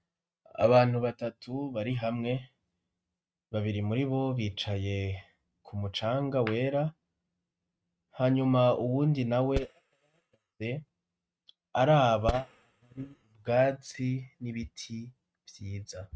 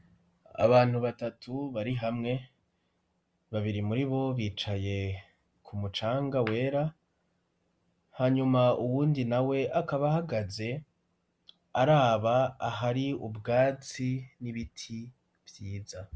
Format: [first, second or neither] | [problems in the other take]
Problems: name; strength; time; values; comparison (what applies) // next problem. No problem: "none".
second | noise reduction (neural mask model RNNoise)